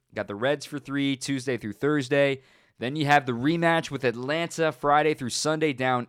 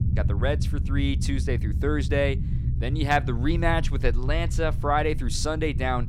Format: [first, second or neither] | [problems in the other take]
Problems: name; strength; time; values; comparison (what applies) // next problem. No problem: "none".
first | low rumble; noticeable; throughout; 15 dB below the speech